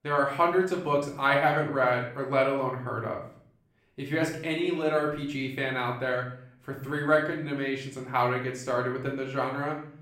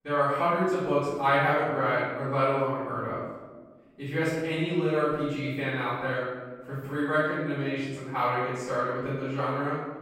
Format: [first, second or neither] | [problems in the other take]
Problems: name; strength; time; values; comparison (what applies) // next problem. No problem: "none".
first | room echo; strong; dies away in 1.2 s; slight in the first // off-mic speech; far; far in the first